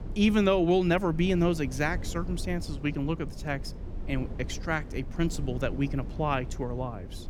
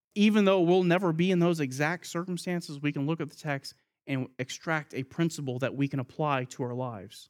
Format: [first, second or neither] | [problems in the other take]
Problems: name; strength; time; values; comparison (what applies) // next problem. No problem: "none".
second | low rumble; noticeable; throughout; 20 dB below the speech